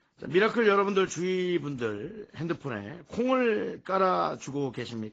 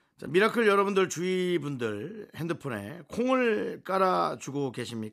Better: second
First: garbled, watery; badly; nothing above 7.5 kHz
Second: none

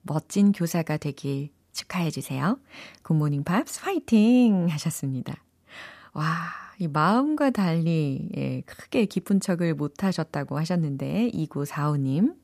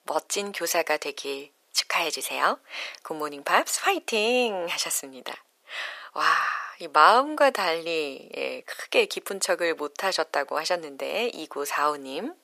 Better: first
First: none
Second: thin; very; fading below 450 Hz

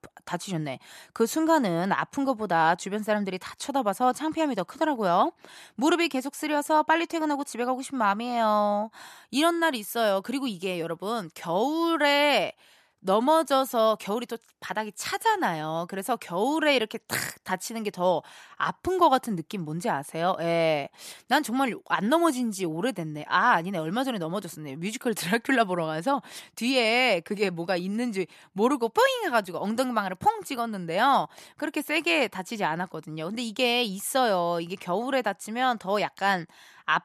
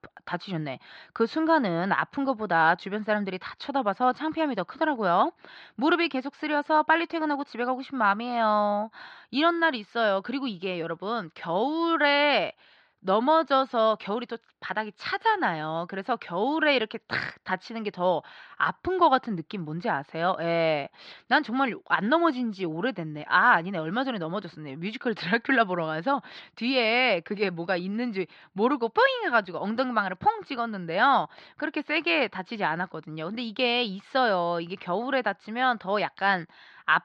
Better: first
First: none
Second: muffled; very slightly; fading above 4.5 kHz

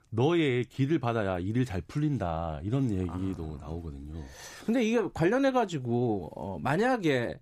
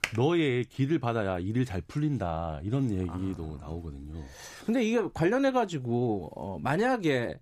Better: first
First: none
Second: keyboard typing; noticeable; at the start; peak 4 dB below the speech

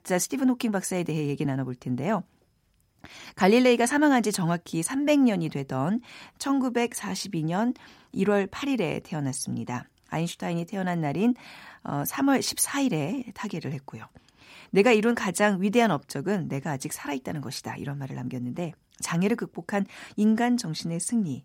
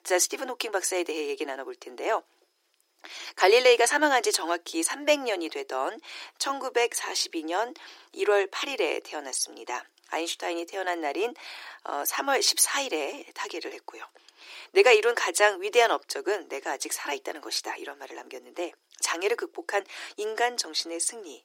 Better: first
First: none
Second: thin; very; fading below 350 Hz

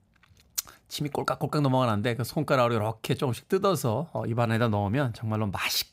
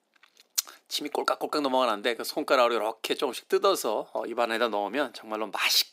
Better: first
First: none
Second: thin; somewhat; fading below 300 Hz

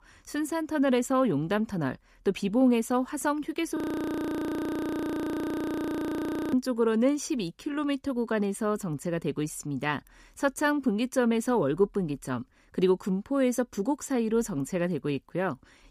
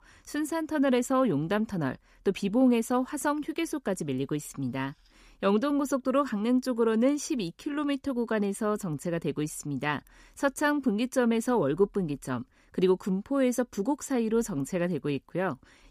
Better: second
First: audio freezing; at 4 s for 3 s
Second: none

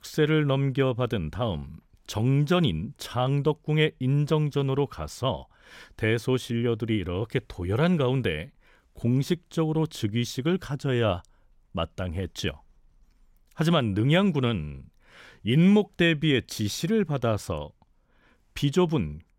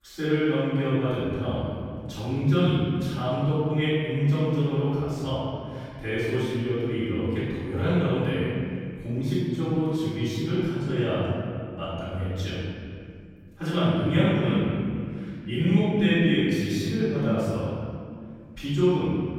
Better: first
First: none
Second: off-mic speech; far // room echo; strong; dies away in 2.3 s

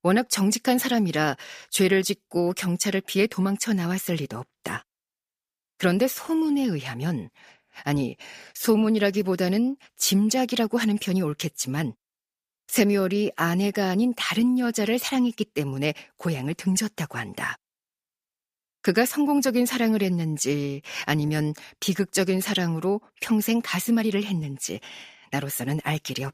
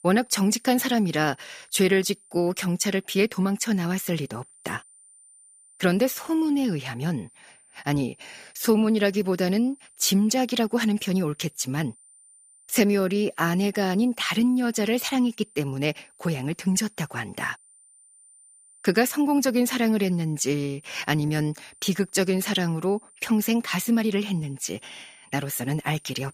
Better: first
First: none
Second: high-pitched whine; faint; throughout; 9 kHz, 25 dB below the speech

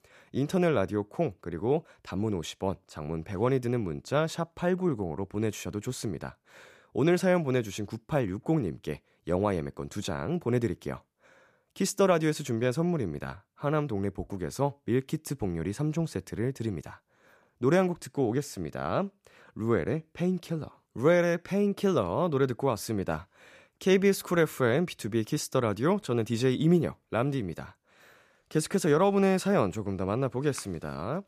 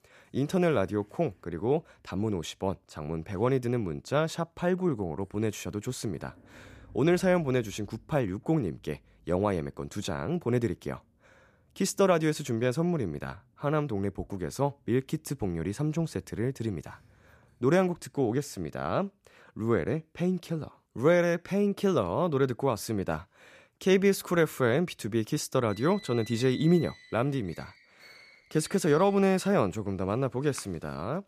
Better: first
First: none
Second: traffic noise; faint; throughout; 25 dB below the speech

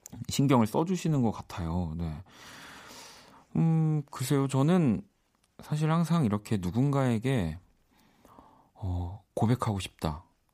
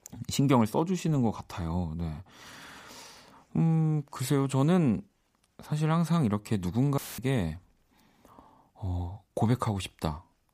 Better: first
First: none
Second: audio cutting out; filled with static; at 7 s

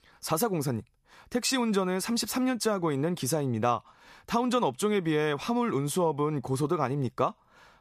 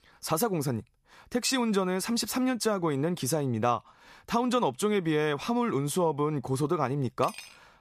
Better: first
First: none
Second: clattering dishes; faint; at 7 s; peak 15 dB below the speech

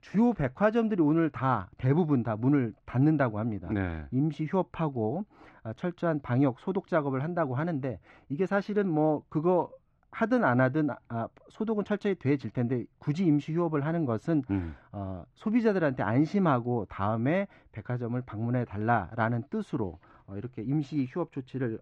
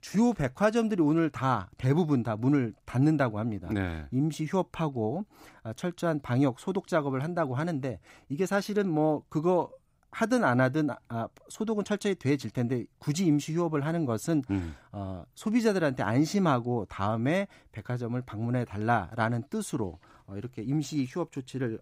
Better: second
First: muffled; slightly; fading above 2.5 kHz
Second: none

